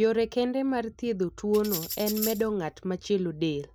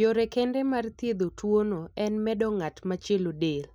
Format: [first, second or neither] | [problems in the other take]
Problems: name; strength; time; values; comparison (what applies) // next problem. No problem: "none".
second | background sound (Tambourine); 9 dB below the speech